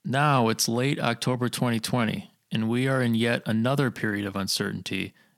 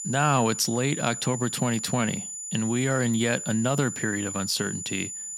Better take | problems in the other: first | high-pitched whine; loud; throughout; 7 kHz, 6 dB below the speech

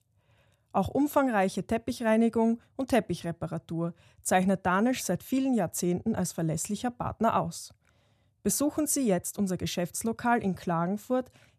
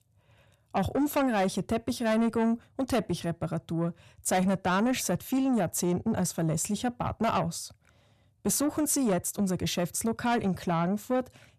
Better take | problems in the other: first | distortion; slight; 10 dB below the speech

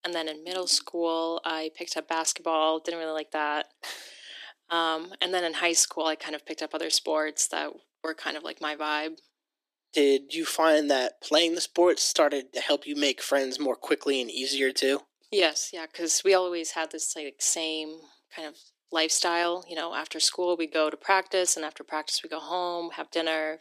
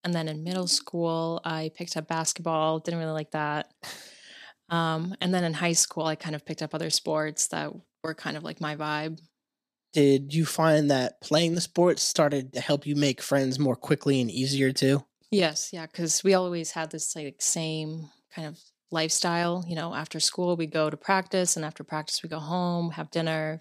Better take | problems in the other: second | thin; somewhat; fading below 300 Hz

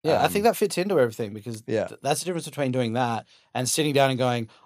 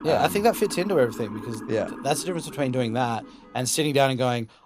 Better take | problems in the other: first | siren; faint; until 4 s; peak 10 dB below the speech

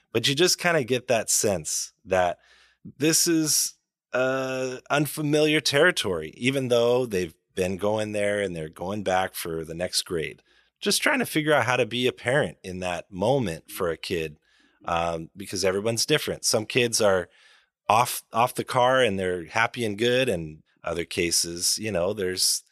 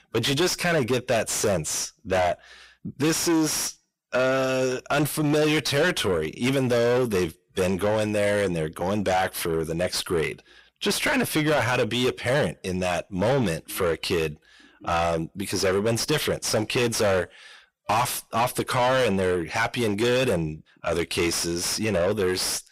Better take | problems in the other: first | distortion; heavy; 6 dB below the speech

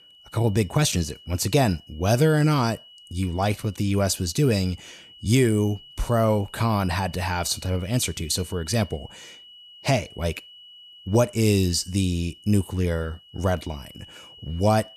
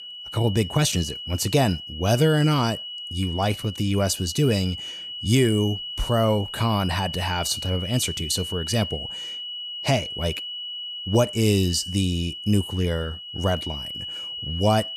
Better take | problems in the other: first | high-pitched whine; loud; throughout; 3 kHz, 8 dB below the speech; faint in the first

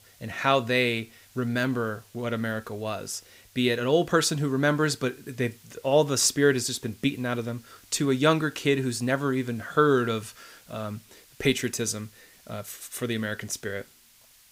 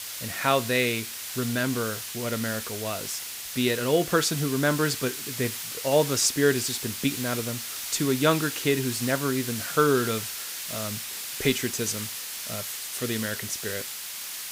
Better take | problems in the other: first | hiss; loud; throughout; 5 dB below the speech; faint in the first

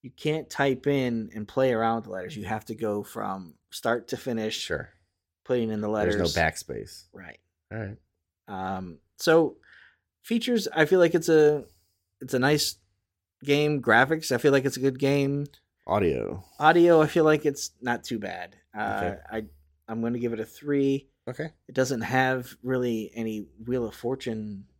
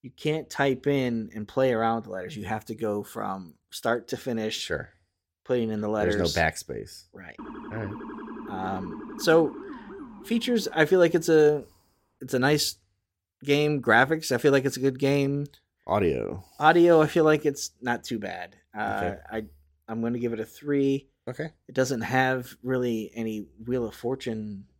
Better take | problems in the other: first | siren; faint; from 7.5 to 11 s; peak 15 dB below the speech

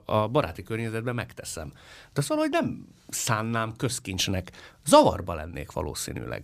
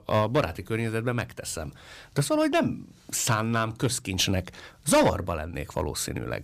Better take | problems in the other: first | distortion; heavy; 2% of the sound clipped

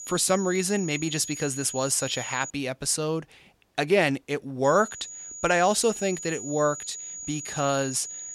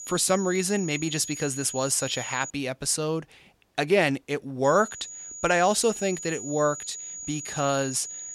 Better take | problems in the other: neither | high-pitched whine; loud; until 2.5 s and from 4.5 s on; 7 kHz, 10 dB below the speech; the same in both

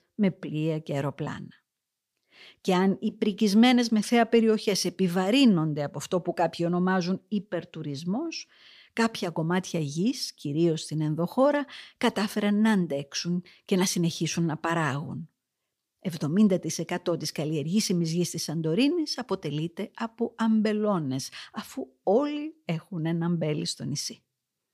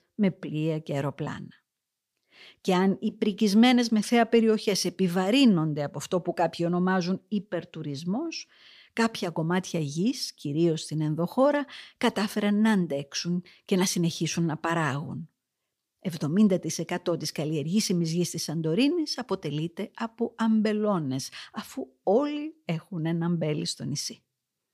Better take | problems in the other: neither | none

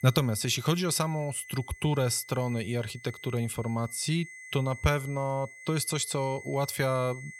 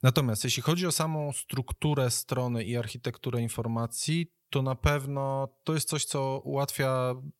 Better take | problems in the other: second | high-pitched whine; noticeable; throughout; 2 kHz, 15 dB below the speech

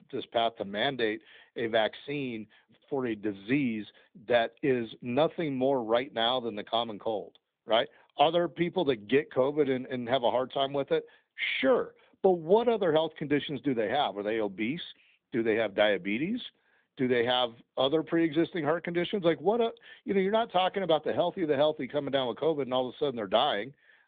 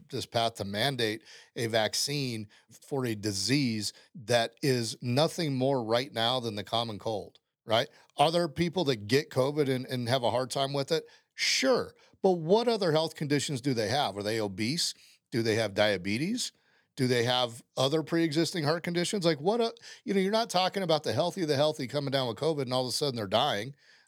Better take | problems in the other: second | phone-call audio

